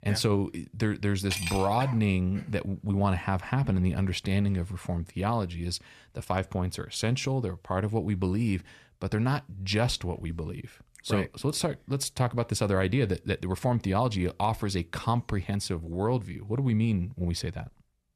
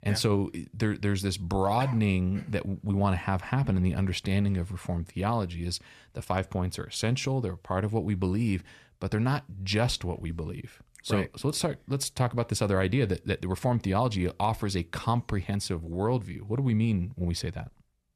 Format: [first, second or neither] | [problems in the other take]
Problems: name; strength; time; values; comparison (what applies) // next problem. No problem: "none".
second | clattering dishes; noticeable; at 1.5 s; peak 3 dB below the speech